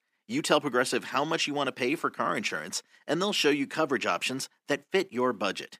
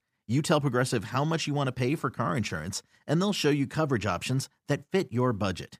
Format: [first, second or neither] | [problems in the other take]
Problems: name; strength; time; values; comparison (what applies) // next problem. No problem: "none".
second | thin; somewhat; fading below 250 Hz